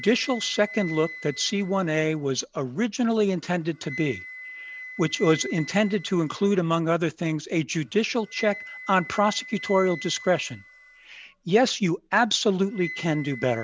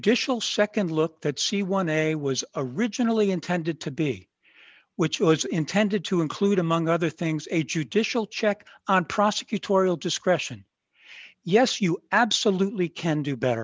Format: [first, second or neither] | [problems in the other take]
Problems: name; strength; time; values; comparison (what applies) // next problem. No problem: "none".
second | background sound (Wind instrument, woodwind instrument); 16 dB below the speech